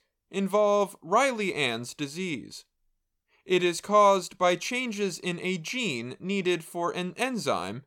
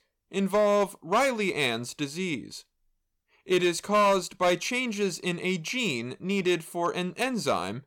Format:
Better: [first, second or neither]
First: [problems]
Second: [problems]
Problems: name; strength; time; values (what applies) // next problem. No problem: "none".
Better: first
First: none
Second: distortion; slight; 4% of the sound clipped